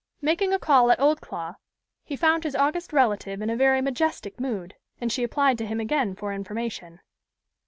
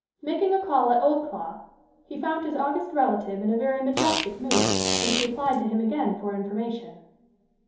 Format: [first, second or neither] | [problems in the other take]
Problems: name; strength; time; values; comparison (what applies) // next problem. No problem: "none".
first | background sound (Fart); as loud as the speech // room echo; dies away in 2.8 s